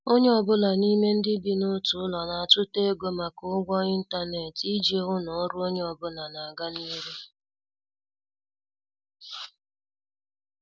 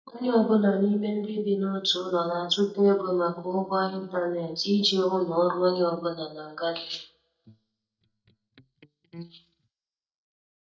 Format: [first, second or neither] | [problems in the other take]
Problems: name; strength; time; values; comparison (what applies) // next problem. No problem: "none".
first | noise reduction (neural mask model DeepFilterNet 3)